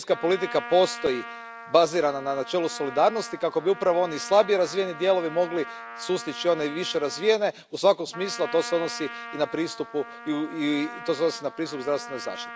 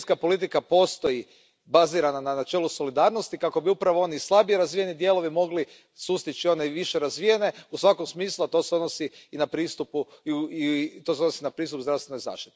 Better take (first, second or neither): second